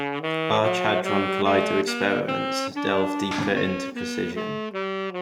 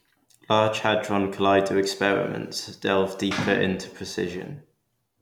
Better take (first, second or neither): second